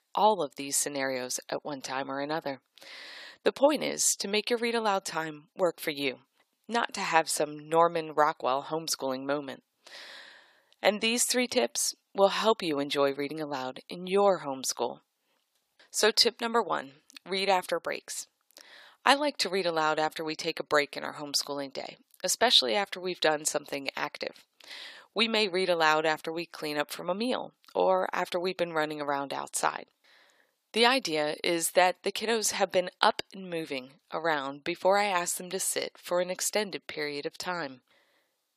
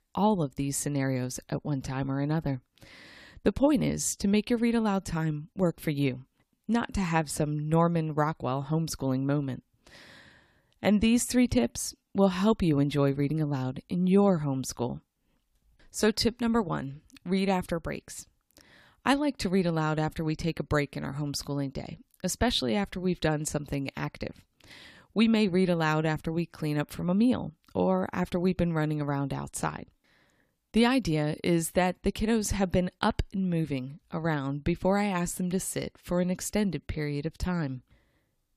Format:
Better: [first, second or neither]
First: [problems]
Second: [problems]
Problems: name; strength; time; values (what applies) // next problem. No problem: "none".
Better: second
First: thin; very; fading below 600 Hz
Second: none